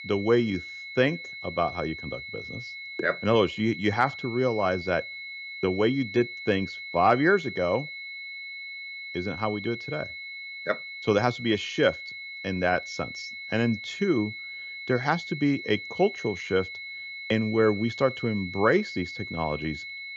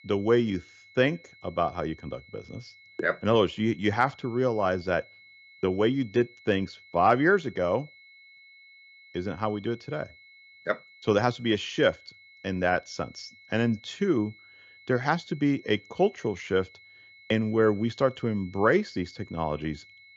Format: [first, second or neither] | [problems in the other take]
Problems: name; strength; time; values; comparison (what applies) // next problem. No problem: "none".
second | high-pitched whine; loud; throughout; 2 kHz, 9 dB below the speech; faint in the second